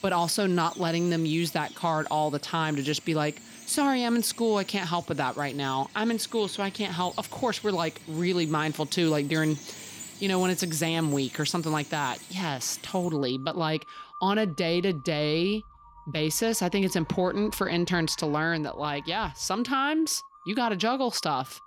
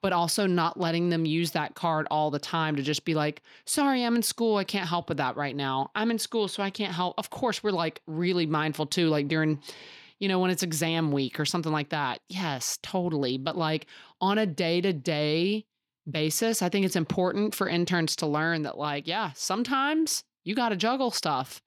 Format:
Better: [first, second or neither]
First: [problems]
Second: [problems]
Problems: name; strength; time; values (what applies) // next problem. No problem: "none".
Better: second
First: animal sounds; noticeable; throughout; 15 dB below the speech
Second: none